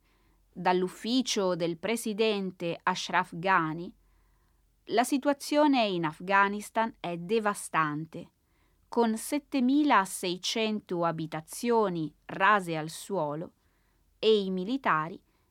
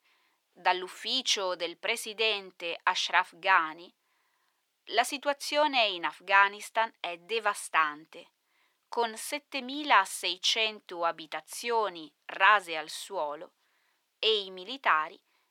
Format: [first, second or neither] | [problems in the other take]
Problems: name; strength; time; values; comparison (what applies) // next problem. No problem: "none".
first | thin; very; fading below 600 Hz